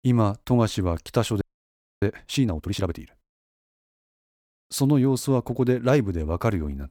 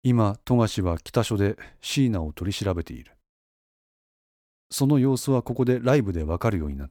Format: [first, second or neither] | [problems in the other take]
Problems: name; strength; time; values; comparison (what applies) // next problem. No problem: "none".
second | audio freezing; at 1.5 s for 0.5 s